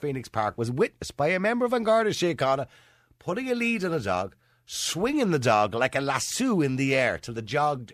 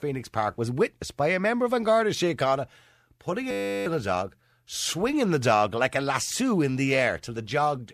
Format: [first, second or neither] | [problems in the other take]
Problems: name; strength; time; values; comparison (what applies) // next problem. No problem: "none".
first | audio freezing; at 3.5 s